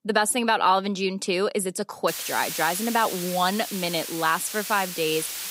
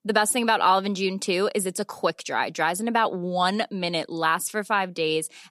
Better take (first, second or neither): second